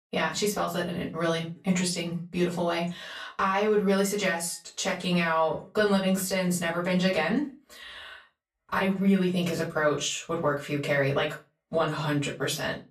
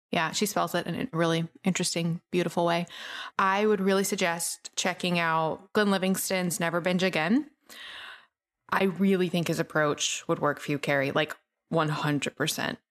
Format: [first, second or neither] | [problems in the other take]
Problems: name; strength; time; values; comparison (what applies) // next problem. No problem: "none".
second | off-mic speech; far // room echo; very slight; dies away in 0.2 s